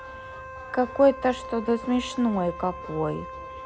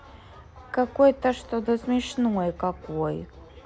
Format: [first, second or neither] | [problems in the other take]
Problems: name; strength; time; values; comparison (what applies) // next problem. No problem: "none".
second | background sound (Wind instrument, woodwind instrument); 13 dB below the speech